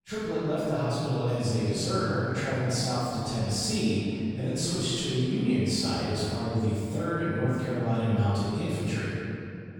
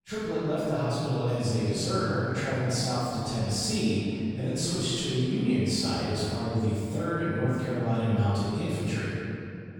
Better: neither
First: off-mic speech; far // room echo; strong; dies away in 2.5 s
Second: off-mic speech; far // room echo; strong; dies away in 2.5 s

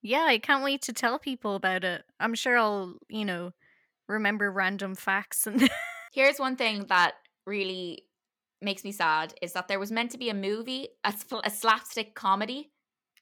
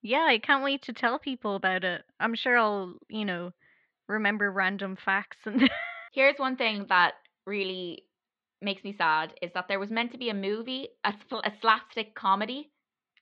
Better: first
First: none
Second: muffled; very slightly; fading above 4 kHz

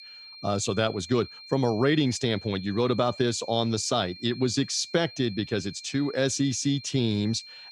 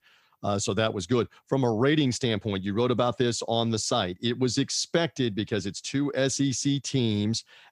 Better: second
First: high-pitched whine; noticeable; throughout; 4 kHz, 15 dB below the speech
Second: none

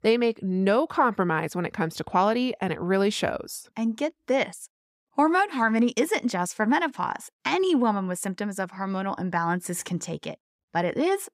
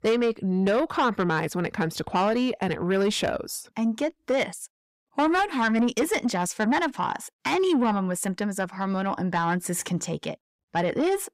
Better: first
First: none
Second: distortion; slight; 10 dB below the speech

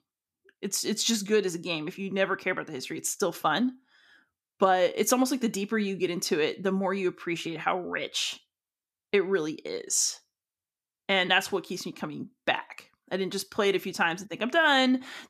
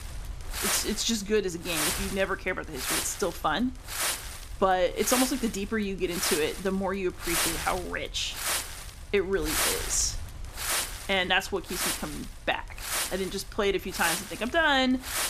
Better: first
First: none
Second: wind noise on the microphone; heavy; 3 dB below the speech

